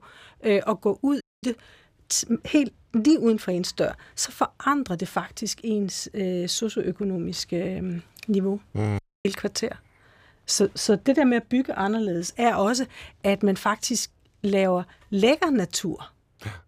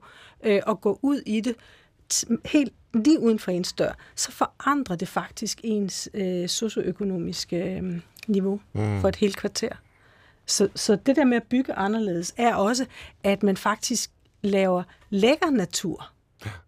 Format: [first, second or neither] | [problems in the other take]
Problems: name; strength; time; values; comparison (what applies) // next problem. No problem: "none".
second | audio cutting out; at 1 s and at 9 s